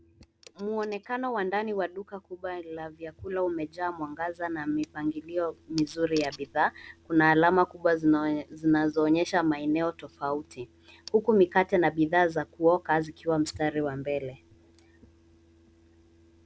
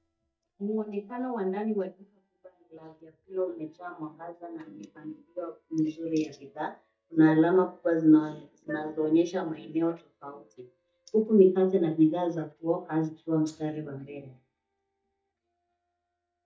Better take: first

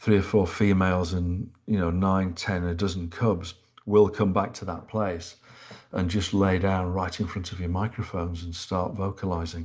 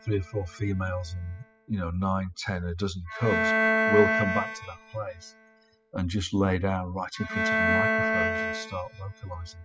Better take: first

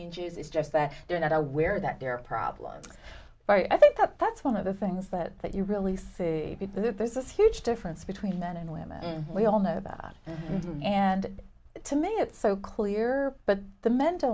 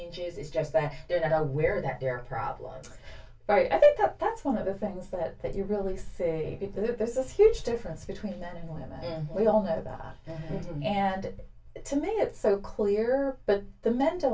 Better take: first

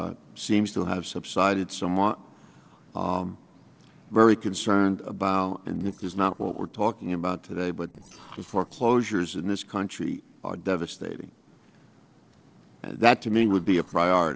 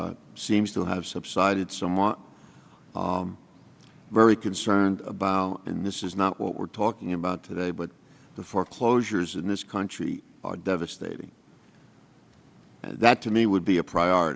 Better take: second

